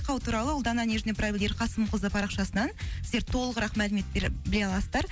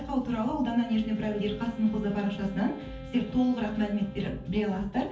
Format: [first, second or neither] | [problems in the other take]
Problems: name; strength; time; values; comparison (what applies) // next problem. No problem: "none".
first | background sound (Wind instrument, woodwind instrument); 17 dB below the speech // room echo; dies away in 0.5 s